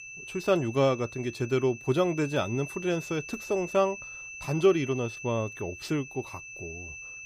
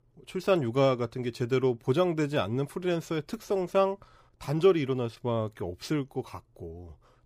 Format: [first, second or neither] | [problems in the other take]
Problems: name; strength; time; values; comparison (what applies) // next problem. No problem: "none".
second | high-pitched whine; noticeable; throughout; 2.5 kHz, 10 dB below the speech